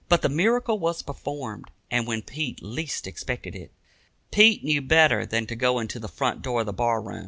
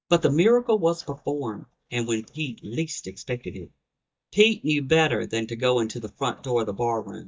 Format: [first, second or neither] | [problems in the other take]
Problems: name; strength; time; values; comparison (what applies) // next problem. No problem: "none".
first | noise reduction (neural mask model DeepFilterNet 3)